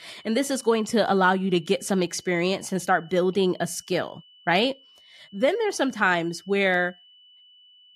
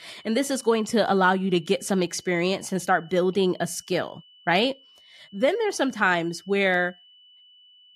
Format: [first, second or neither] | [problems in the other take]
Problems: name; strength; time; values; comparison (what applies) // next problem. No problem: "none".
neither | high-pitched whine; faint; throughout; 3 kHz, 25 dB below the speech; the same in both